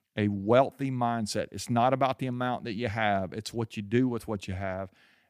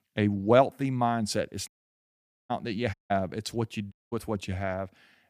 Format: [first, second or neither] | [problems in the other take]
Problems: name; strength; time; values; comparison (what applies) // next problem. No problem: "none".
first | audio cutting out; at 1.5 s for 1 s, at 3 s and at 4 s